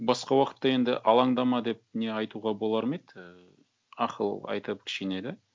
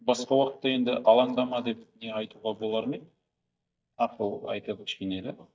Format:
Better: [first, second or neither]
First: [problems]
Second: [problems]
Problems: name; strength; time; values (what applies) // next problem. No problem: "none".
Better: first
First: none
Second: noise reduction (neural mask model DeepFilterNet 3)